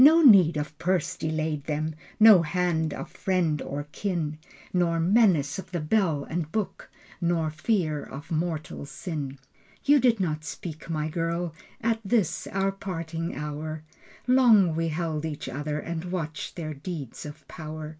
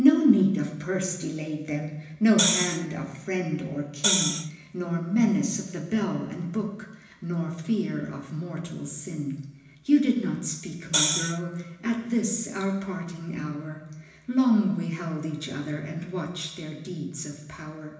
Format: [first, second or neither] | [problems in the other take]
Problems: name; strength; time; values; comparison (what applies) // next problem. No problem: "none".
first | background sound (Hi-hat); 1 dB above the speech // room echo; dies away in 1 s